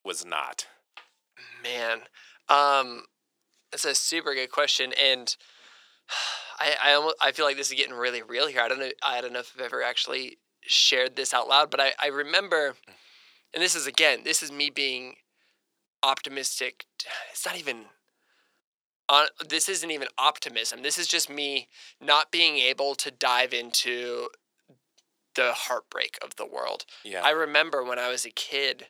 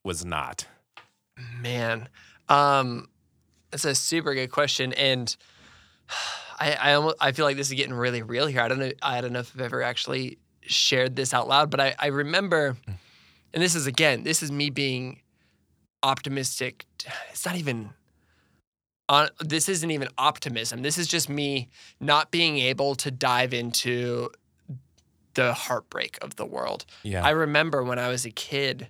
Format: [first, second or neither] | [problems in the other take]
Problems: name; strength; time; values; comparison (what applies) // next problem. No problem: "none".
second | thin; somewhat; fading below 400 Hz